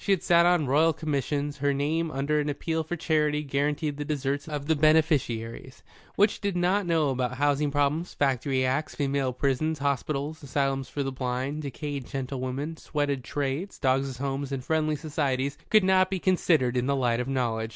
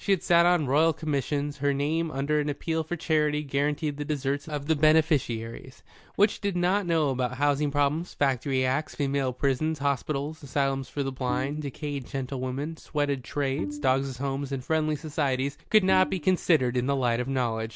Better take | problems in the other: first | background sound (Bowed string instrument); 13 dB below the speech

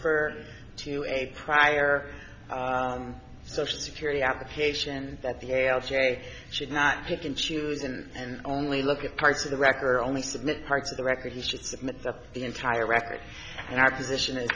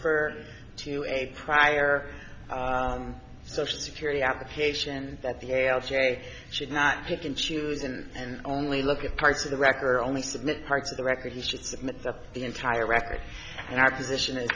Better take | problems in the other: first | background sound (Insect); 14 dB below the speech

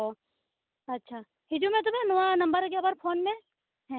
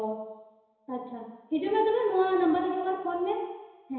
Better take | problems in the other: first | room echo; dies away in 1 s

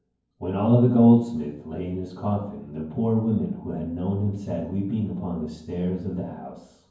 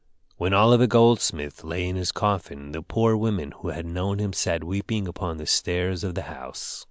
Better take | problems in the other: second | room echo; dies away in 0.9 s

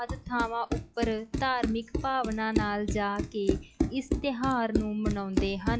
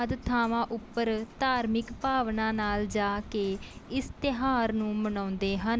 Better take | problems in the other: second | noise reduction (classical method log-MMSE)

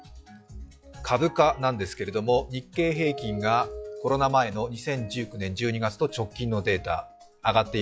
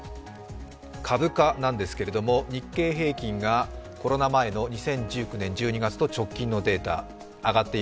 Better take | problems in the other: second | noise reduction (classical method log-MMSE)

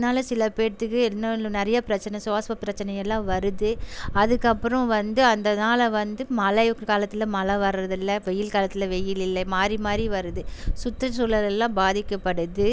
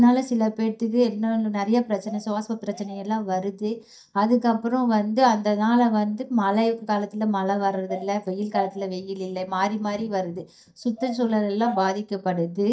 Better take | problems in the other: first | noise reduction (neural mask model DeepFilterNet 3)

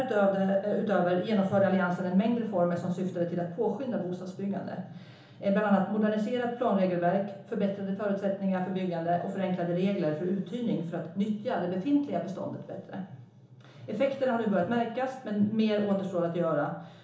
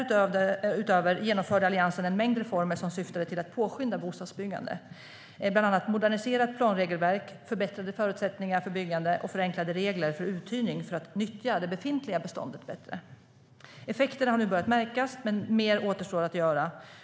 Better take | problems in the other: second | room echo; dies away in 1.2 s

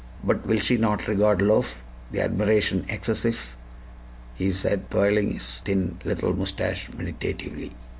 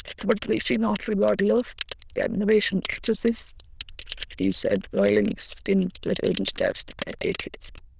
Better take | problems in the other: first | noise reduction (neural diffusion model UNIVERSE++)

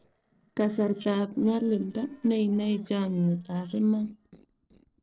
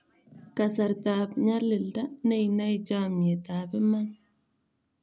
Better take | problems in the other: second | noise reduction (neural separator model SepFormer DNS4)

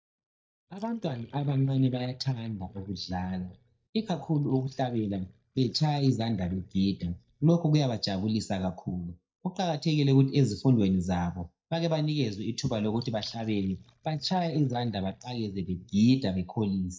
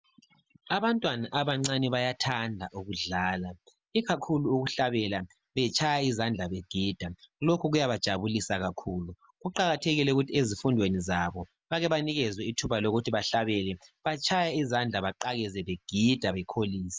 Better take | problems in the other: second | noise reduction (neural mask model DeepFilterNet 3)

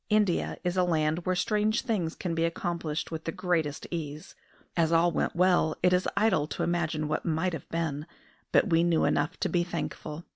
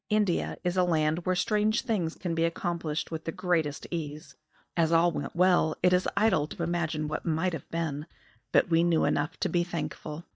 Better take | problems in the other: first | noise reduction (neural mask model DeepFilterNet 3)

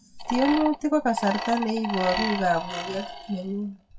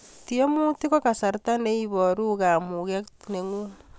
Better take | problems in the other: second | noise reduction (classical method WPE with log-MMSE)

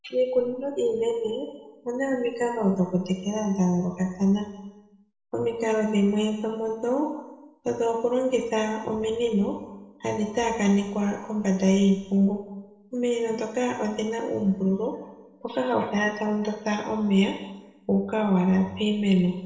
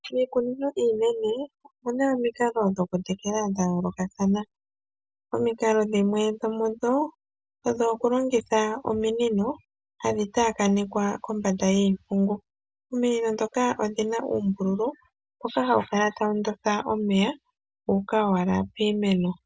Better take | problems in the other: second | room echo; dies away in 1 s

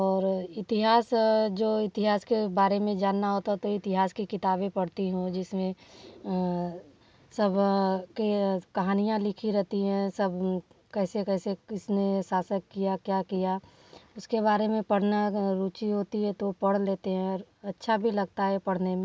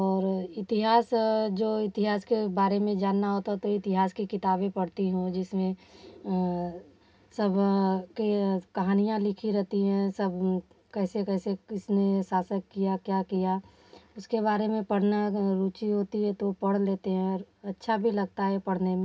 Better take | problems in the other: first | room echo; dies away in 0.3 s

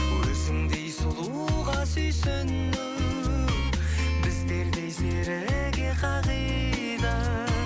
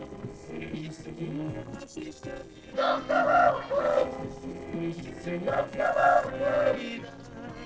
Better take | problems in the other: first | noise reduction (neural separator model SepFormer DNS4)

